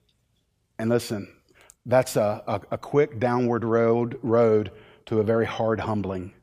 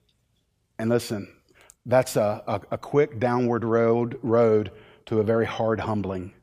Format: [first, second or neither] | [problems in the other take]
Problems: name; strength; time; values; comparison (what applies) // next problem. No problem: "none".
neither | none